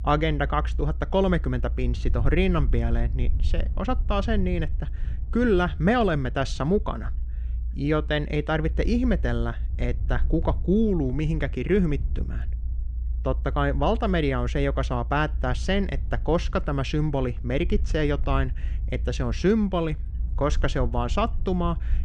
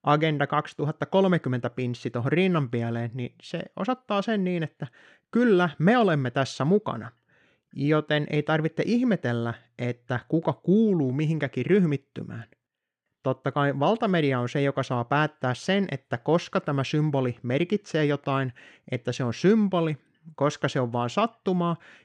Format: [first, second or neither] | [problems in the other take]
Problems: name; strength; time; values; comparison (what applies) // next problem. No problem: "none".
second | low rumble; faint; throughout; 20 dB below the speech